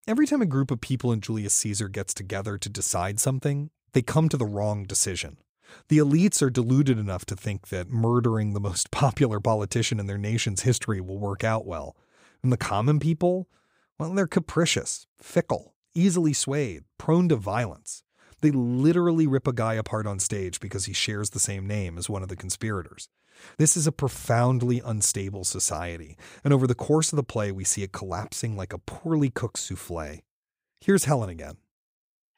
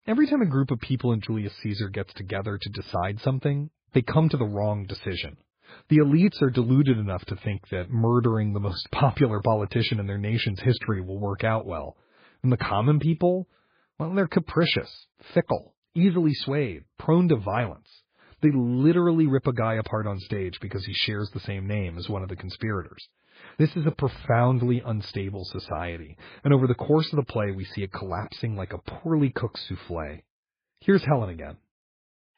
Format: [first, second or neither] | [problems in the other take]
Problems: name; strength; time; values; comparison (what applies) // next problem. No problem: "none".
first | garbled, watery; badly